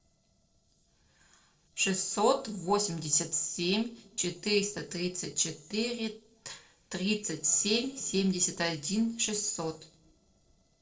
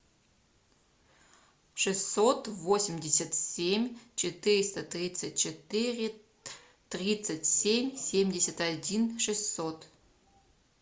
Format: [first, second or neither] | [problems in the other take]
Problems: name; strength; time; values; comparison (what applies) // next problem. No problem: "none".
second | noise reduction (neural separator model SepFormer DNS4)